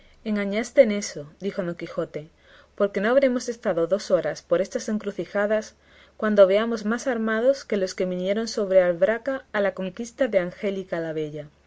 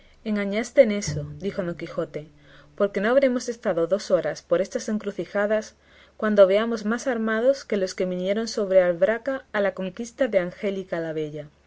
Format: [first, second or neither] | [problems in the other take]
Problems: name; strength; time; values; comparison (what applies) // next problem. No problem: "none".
first | background sound (Bowed string instrument); 15 dB below the speech